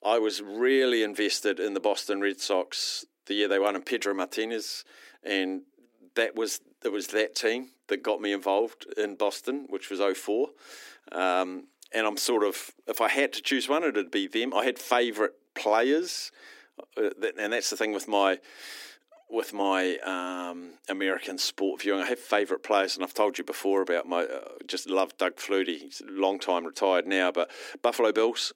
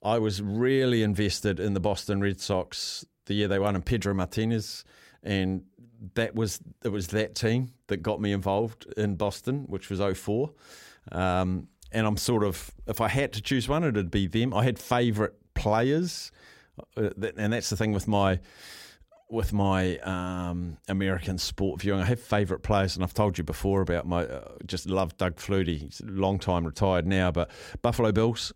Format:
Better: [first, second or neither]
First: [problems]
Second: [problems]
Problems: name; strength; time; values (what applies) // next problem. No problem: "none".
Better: second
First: thin; somewhat; fading below 300 Hz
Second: none